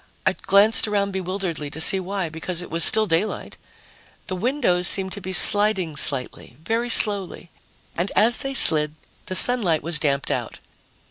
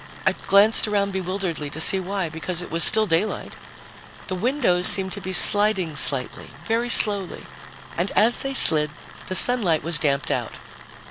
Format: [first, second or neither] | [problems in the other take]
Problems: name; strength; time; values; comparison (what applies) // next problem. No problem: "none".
first | background sound (Tools); 16 dB below the speech